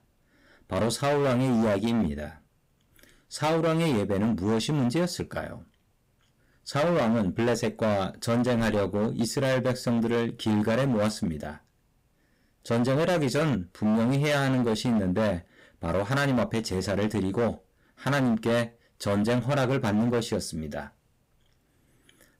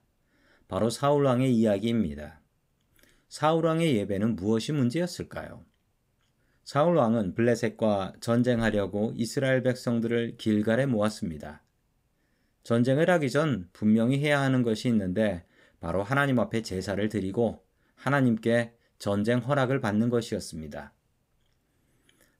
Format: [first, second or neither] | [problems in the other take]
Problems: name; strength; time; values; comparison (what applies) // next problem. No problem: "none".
second | distortion; heavy; 17% of the sound clipped